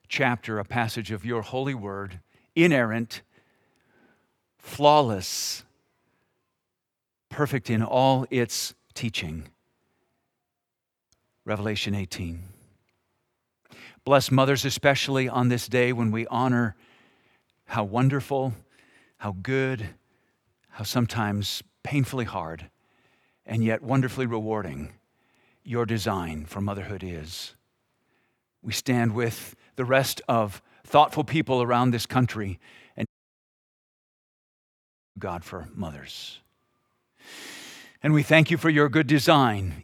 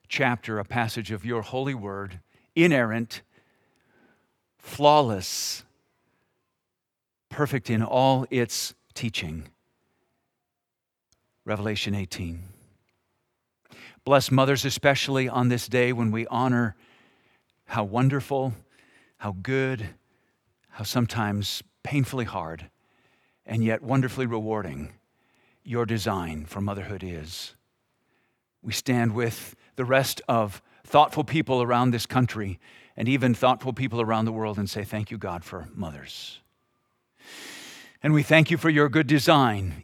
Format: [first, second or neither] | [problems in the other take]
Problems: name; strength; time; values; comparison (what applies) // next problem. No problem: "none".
second | audio cutting out; at 33 s for 2 s